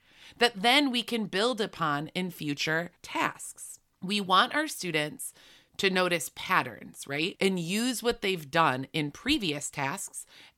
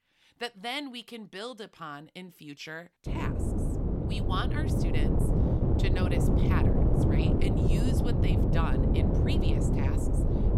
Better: first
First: none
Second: wind noise on the microphone; heavy; from 3 s on; 3 dB above the speech

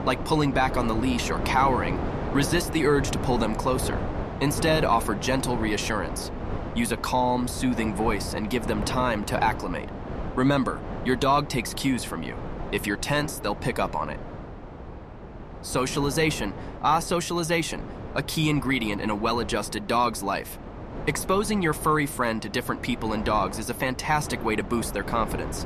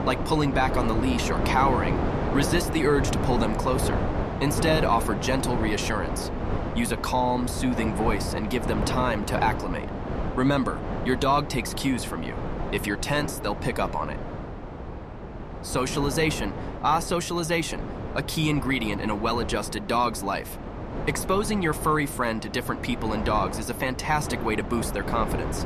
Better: first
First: wind noise on the microphone; occasional gusts; 10 dB below the speech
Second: wind noise on the microphone; heavy; 7 dB below the speech

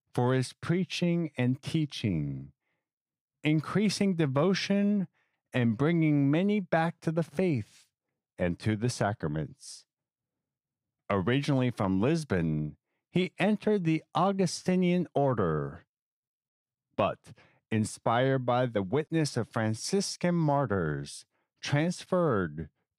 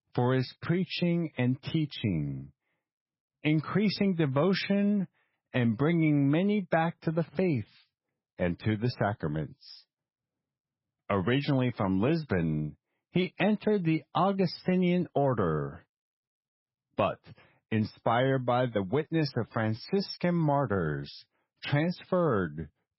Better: first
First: none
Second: garbled, watery; badly; nothing above 5.5 kHz

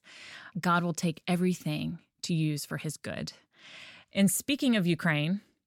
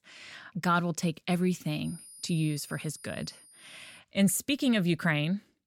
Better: first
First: none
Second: high-pitched whine; noticeable; from 2 to 4 s; 9.5 kHz, 20 dB below the speech

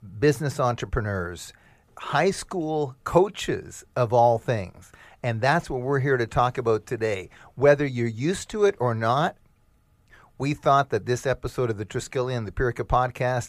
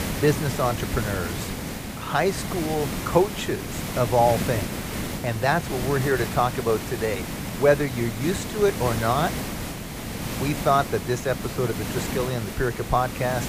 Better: first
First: none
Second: hiss; loud; throughout; 6 dB below the speech

